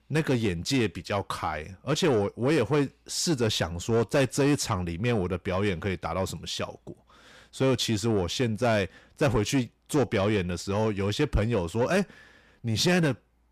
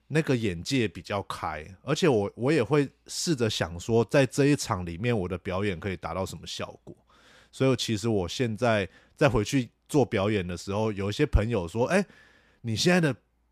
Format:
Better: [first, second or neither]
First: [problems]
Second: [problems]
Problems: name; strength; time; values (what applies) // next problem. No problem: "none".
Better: second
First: distortion; slight; 10 dB below the speech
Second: none